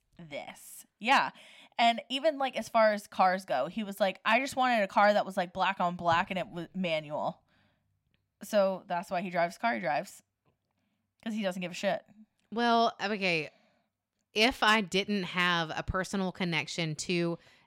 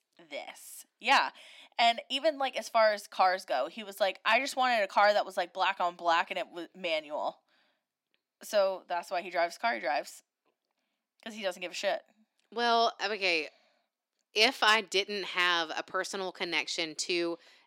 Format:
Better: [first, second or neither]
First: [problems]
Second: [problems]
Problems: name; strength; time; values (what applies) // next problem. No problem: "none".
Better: first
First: none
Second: thin; somewhat; fading below 300 Hz